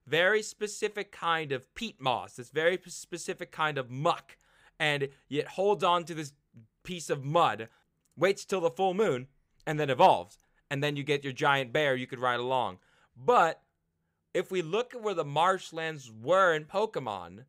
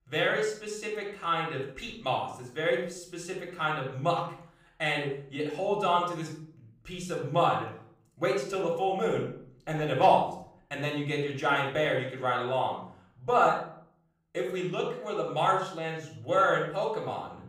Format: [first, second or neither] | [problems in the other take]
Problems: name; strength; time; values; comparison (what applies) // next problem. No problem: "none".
first | off-mic speech; far // room echo; noticeable; dies away in 0.5 s